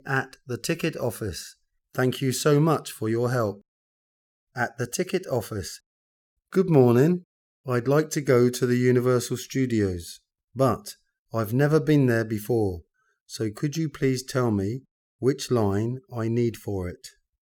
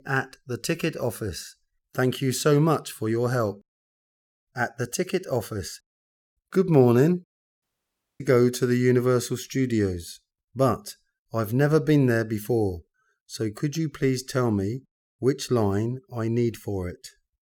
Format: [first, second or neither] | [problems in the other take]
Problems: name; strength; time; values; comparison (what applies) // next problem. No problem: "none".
first | audio cutting out; at 7.5 s for 0.5 s